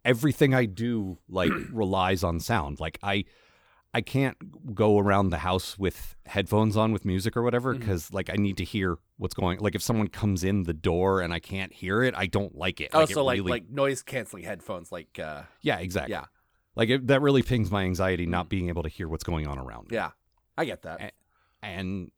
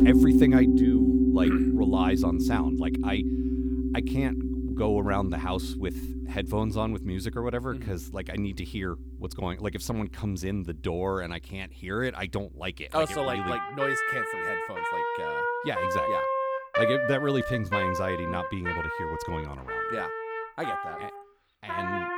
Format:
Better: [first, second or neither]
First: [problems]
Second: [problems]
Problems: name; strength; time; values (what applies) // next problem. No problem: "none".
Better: first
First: none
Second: background music; very loud; throughout; 5 dB above the speech